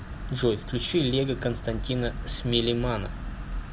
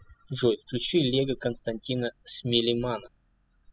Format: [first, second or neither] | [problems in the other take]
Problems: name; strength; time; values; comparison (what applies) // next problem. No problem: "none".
first | noise reduction (classical method spectral subtraction)